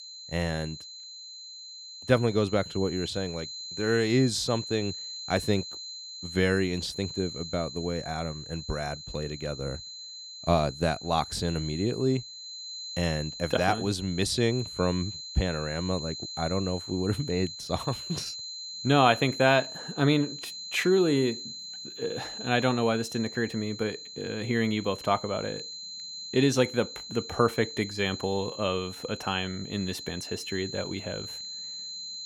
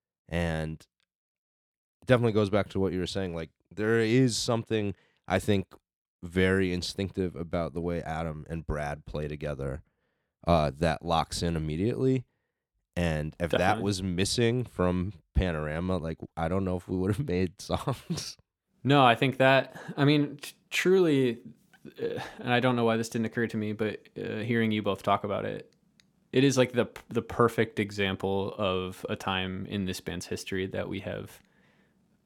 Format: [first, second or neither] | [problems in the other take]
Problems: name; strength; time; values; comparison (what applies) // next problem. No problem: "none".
second | high-pitched whine; loud; throughout; 4 kHz, 9 dB below the speech